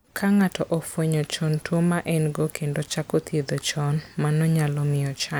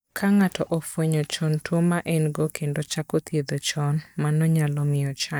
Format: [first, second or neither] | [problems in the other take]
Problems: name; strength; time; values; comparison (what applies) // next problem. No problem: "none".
first | noise reduction (neural mask model DeepFilterNet 3)